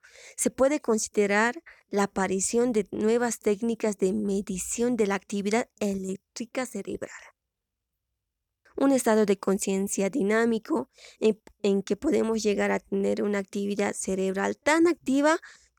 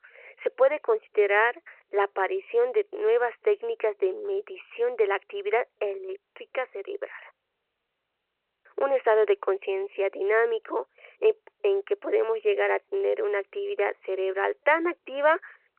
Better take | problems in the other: first | phone-call audio

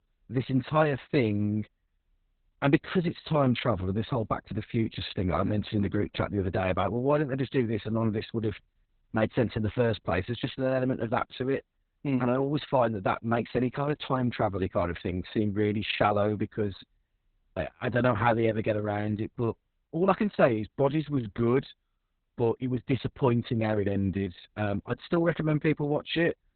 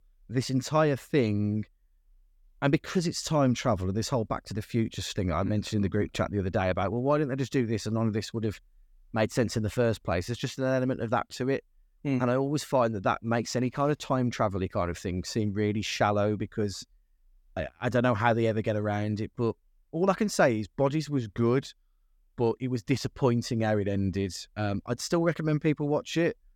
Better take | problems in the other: second | garbled, watery; badly; nothing above 4 kHz

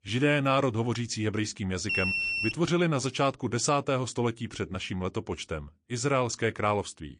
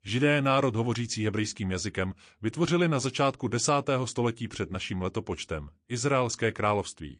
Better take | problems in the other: second | alarm; loud; at 2 s; peak 3 dB above the speech

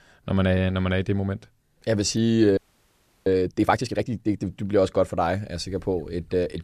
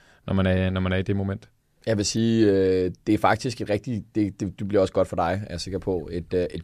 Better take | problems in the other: second | audio freezing; at 2.5 s for 0.5 s

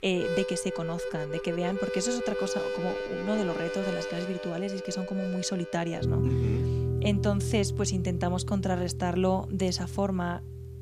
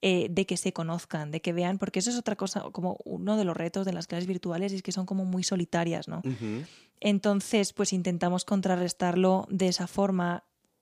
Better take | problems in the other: second | background music; loud; throughout; 2 dB below the speech

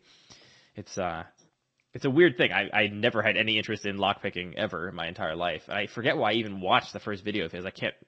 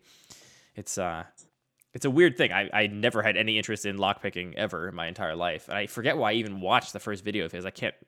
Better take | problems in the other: second | garbled, watery; slightly

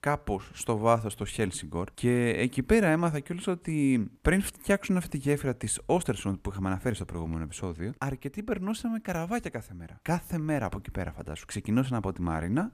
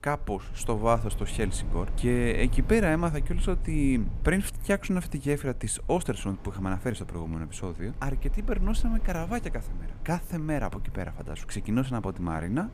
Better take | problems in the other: first | wind in the background; loud; throughout; 8 dB below the speech

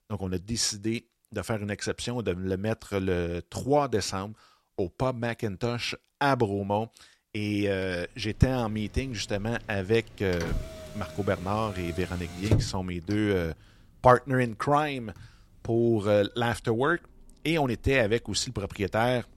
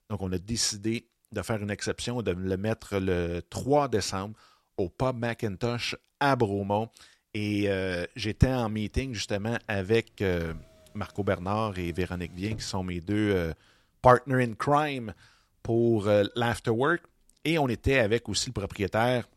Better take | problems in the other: second | traffic noise; loud; from 8.5 s on; 9 dB below the speech; faint in the second

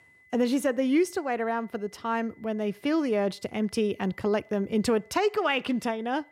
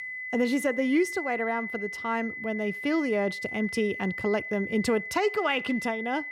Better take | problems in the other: first | high-pitched whine; loud; throughout; 2 kHz, 6 dB below the speech; faint in the first

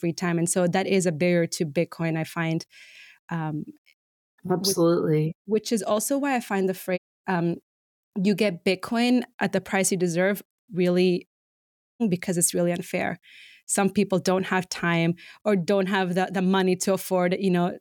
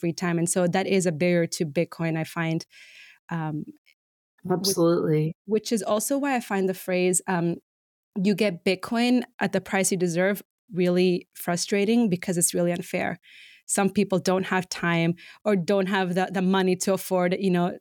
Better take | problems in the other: second | audio cutting out; at 7 s and at 11 s for 0.5 s

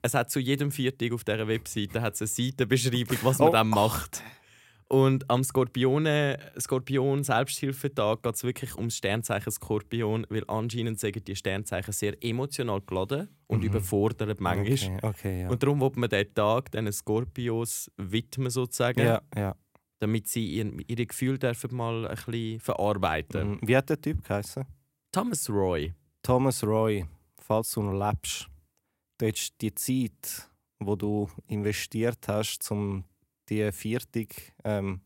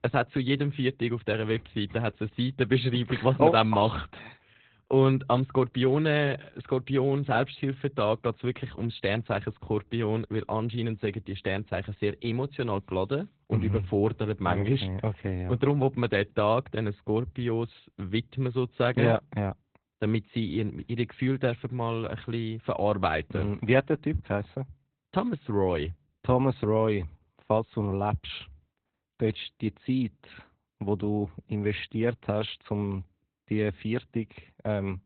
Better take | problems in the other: first | garbled, watery; badly; nothing above 4 kHz

